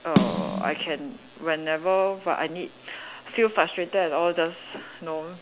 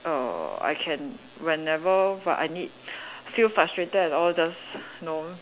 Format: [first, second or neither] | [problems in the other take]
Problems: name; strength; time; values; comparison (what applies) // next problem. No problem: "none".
second | background sound (Snare drum); 2 dB below the speech